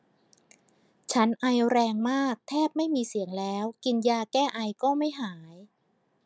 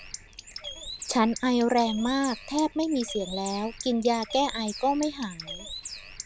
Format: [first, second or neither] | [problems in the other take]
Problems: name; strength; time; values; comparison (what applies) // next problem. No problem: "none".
first | background sound (Bird); 12 dB below the speech